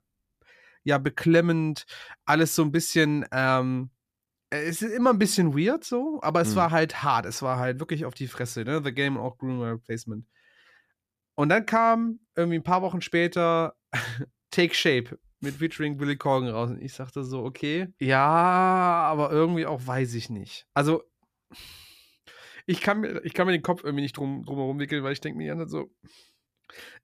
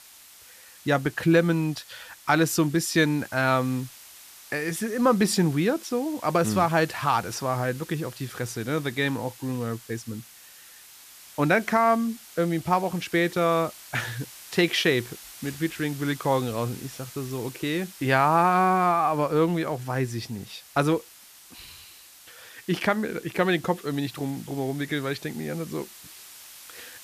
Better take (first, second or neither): first